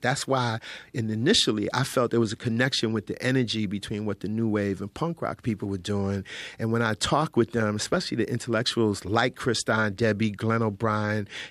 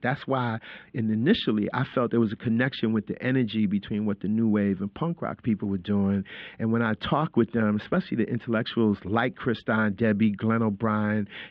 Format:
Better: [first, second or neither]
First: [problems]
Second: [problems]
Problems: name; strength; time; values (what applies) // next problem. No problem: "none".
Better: first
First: none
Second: muffled; very; fading above 3 kHz